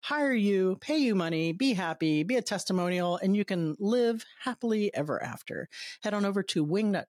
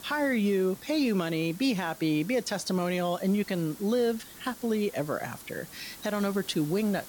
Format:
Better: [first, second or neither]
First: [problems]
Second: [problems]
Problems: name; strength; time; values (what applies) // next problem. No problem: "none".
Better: first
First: none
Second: hiss; noticeable; throughout; 15 dB below the speech